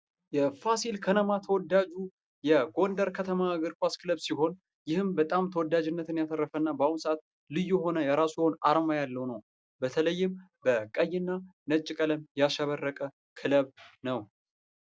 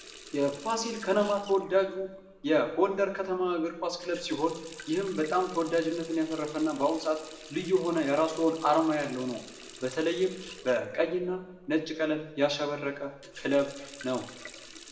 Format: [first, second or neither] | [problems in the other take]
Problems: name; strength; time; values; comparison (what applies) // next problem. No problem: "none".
first | background sound (Water tap, faucet); 19 dB below the speech // room echo; dies away in 0.8 s